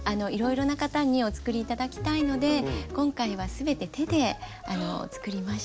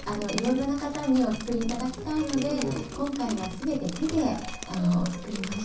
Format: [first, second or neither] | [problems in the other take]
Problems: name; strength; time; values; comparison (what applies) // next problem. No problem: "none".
first | background sound (Drip); 10 dB below the speech // room echo; dies away in 0.6 s